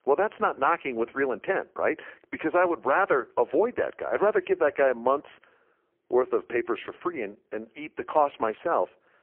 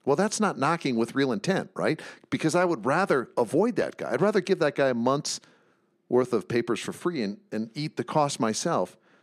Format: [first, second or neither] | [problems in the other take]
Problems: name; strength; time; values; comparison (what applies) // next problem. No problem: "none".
second | phone-call audio; poor line